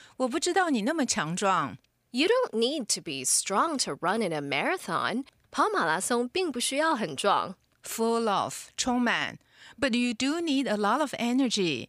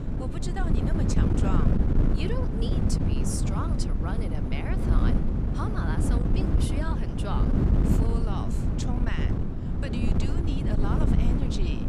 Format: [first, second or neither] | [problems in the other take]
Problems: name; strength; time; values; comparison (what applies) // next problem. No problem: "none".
first | wind noise on the microphone; heavy; 2 dB above the speech